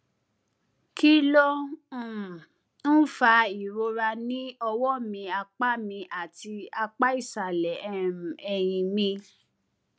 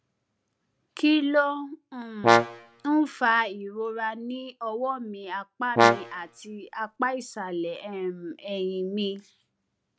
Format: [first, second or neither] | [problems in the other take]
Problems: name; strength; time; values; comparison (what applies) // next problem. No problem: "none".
first | background sound (Brass instrument); 5 dB above the speech